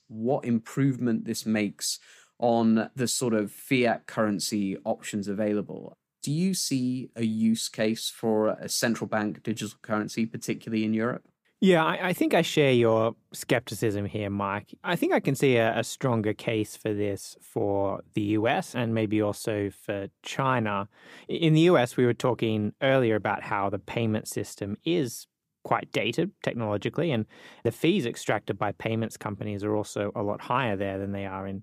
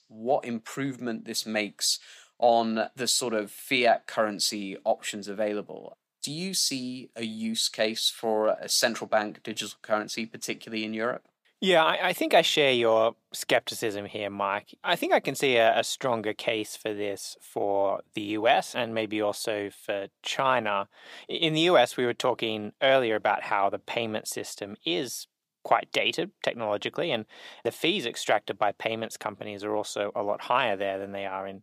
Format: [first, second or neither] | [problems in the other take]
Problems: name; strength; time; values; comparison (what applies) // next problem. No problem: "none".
first | thin; somewhat; fading below 600 Hz